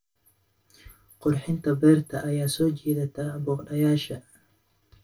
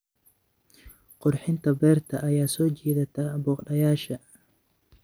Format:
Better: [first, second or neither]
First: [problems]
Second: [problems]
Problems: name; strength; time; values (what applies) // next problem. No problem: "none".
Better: second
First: room echo; dies away in 0.2 s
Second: none